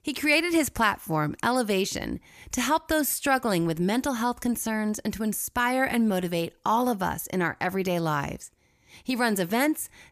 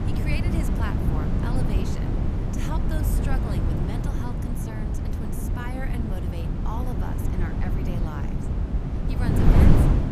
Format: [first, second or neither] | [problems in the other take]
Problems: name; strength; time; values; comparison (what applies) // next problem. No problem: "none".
first | wind noise on the microphone; heavy; 4 dB above the speech